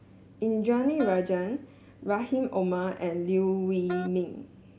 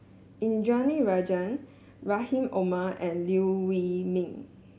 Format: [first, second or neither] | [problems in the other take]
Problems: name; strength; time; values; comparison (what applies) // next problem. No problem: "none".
second | background sound (Wind instrument, woodwind instrument); 14 dB below the speech